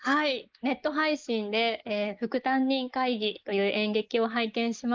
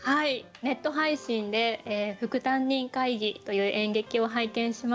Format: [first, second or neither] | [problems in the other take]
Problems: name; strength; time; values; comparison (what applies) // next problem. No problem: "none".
second | noise reduction (neural mask model Resemble Enhance denoiser)